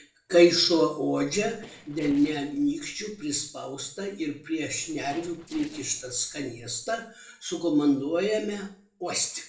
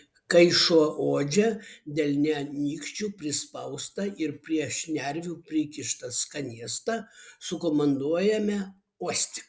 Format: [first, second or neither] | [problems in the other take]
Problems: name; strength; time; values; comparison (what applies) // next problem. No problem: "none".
second | noise reduction (neural separator model SepFormer DNS4)